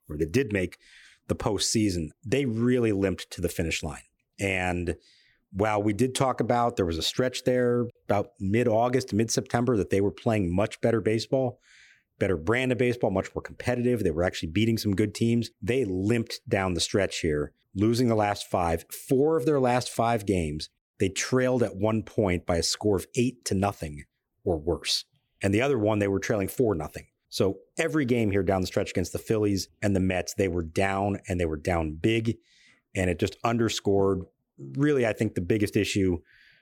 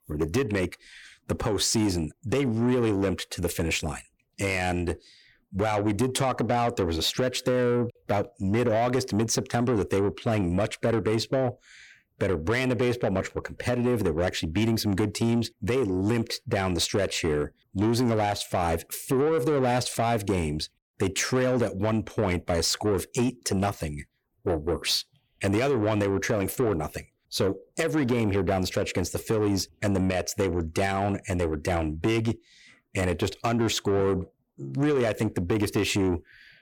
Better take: first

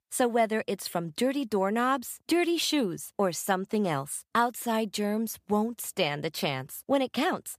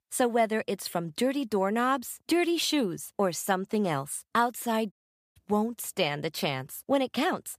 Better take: first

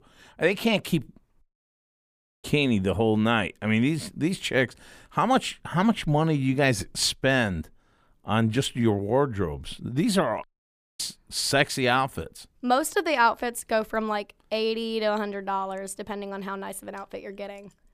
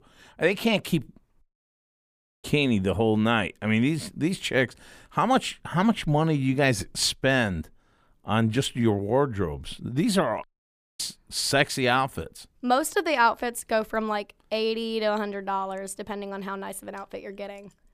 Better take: neither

